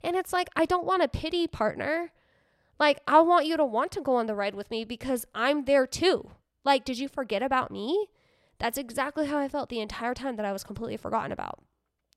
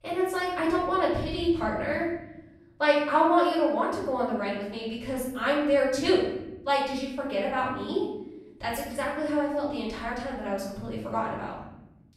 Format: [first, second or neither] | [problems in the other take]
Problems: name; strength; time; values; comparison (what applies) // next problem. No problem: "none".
first | off-mic speech; far // room echo; noticeable; dies away in 1.2 s